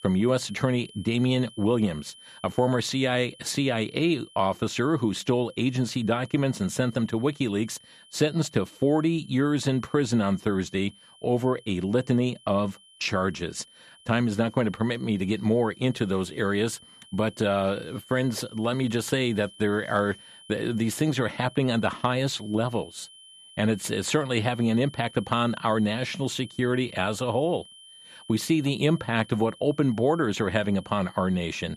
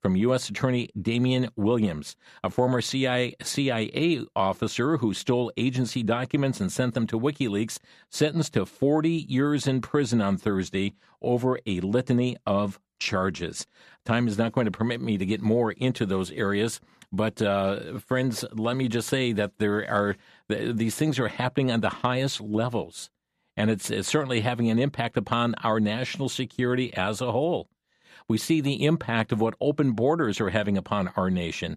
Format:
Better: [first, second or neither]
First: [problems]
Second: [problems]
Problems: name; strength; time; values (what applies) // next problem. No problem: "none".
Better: second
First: high-pitched whine; faint; throughout; 3 kHz, 25 dB below the speech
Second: none